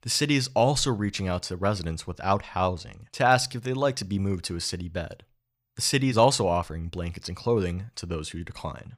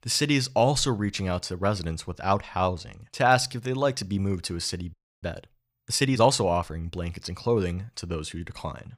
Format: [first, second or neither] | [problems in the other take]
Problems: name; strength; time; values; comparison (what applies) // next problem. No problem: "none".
first | audio freezing; at 5 s